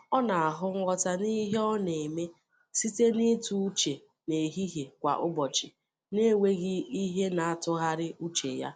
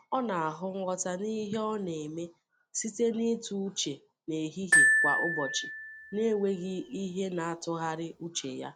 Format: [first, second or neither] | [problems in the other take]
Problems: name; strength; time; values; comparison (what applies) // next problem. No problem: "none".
first | background sound (Glockenspiel); 3 dB above the speech